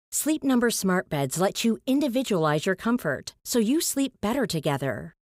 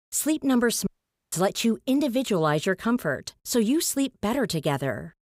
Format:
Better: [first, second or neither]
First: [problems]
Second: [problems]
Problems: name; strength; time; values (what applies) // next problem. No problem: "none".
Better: first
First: none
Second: audio cutting out; at 1 s